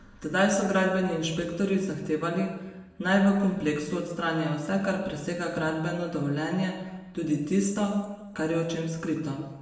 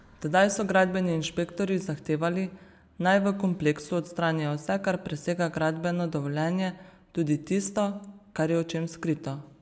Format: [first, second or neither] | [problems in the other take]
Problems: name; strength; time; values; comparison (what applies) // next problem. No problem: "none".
second | room echo; dies away in 1 s